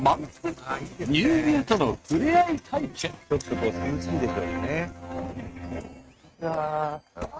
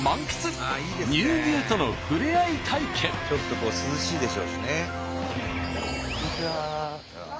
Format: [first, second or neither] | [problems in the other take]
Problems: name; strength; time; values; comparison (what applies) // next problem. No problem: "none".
second | noise reduction (neural mask model RNNoise)